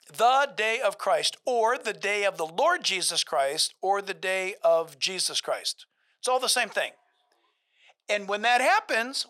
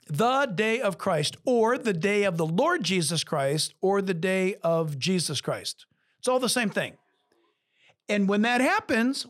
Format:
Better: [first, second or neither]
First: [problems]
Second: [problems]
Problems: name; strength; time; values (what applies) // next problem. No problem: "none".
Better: second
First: thin; very; fading below 600 Hz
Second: none